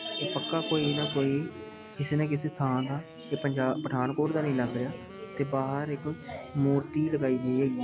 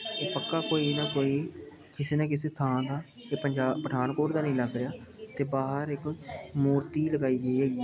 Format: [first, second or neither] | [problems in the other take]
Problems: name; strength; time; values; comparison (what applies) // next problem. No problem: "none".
second | background sound (Wind instrument, woodwind instrument + Piano); 16 dB below the speech